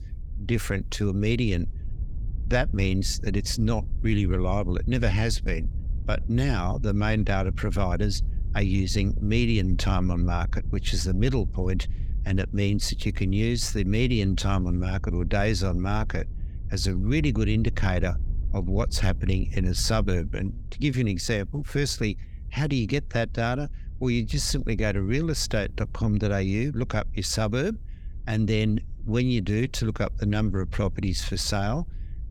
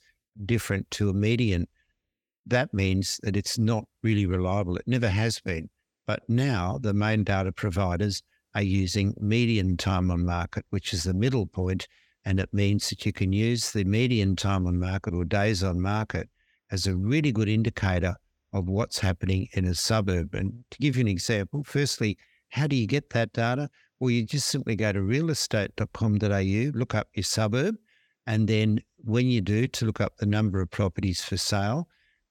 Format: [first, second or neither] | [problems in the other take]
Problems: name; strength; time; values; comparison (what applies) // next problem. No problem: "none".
second | wind noise on the microphone; occasional gusts; 20 dB below the speech